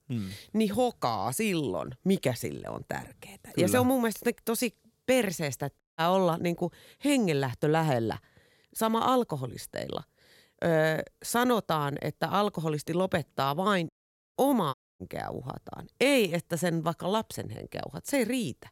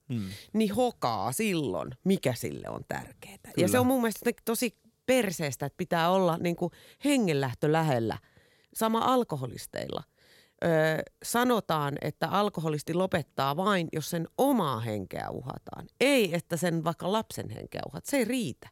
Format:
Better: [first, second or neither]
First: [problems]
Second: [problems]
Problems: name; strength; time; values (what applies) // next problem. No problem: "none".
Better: second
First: audio cutting out; at 6 s, at 14 s and at 15 s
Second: none